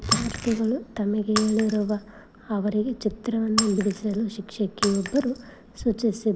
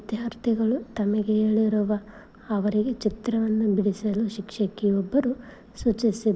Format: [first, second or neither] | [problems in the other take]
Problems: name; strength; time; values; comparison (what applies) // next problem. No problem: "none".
second | background sound (Shatter + Zipper (clothing)); 7 dB below the speech